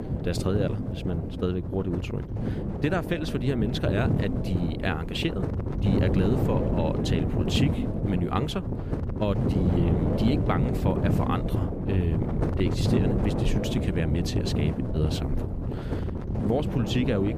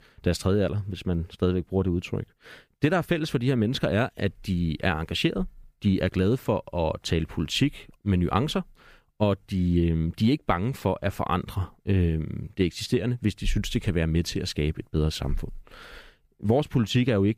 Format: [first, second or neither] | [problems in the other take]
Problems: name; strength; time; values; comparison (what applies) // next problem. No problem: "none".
second | wind noise on the microphone; heavy; 2 dB below the speech